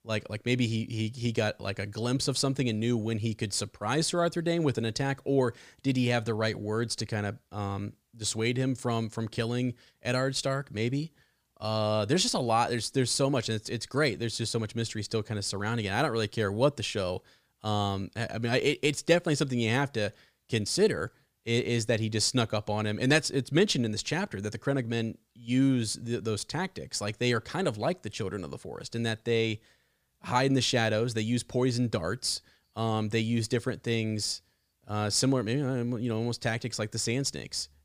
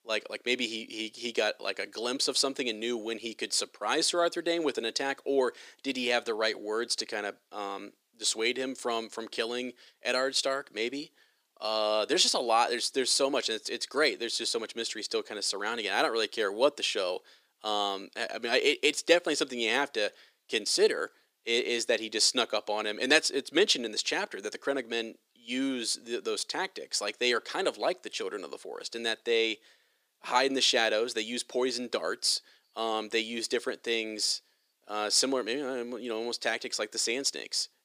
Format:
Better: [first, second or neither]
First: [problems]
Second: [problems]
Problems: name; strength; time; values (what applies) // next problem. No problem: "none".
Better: first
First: none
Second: thin; somewhat; fading below 300 Hz